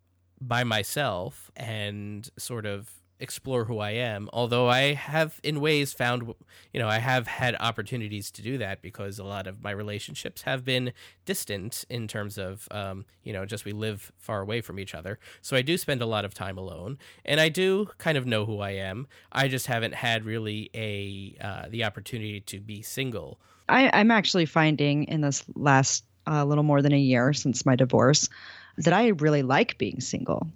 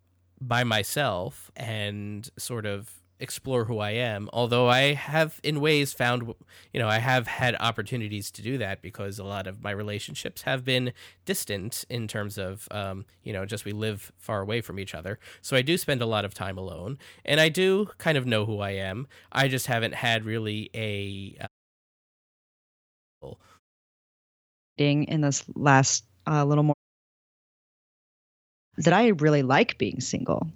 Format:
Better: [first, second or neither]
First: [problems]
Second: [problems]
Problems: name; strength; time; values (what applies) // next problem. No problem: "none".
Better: first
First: none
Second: audio cutting out; at 21 s for 1.5 s, at 24 s for 1 s and at 27 s for 2 s